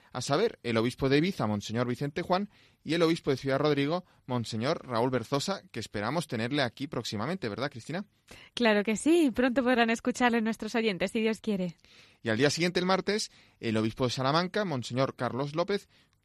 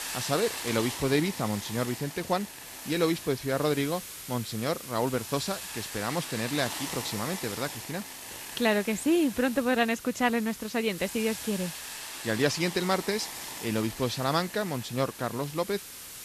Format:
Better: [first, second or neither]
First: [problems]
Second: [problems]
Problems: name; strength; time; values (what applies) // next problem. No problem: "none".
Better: first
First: none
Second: hiss; loud; throughout; 8 dB below the speech